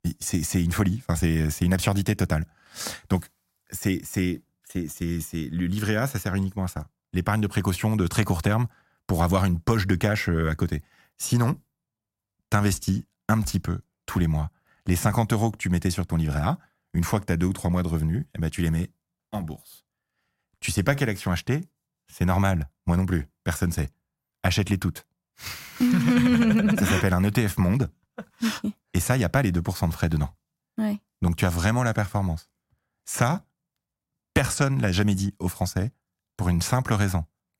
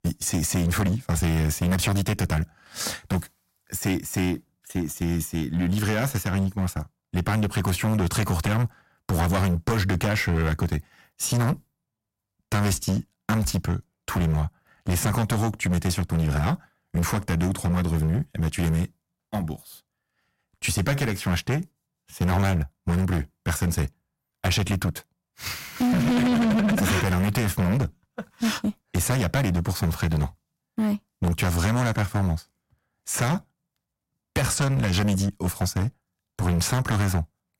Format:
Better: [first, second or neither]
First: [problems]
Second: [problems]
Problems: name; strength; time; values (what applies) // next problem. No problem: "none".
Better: first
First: none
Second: distortion; heavy; 14% of the sound clipped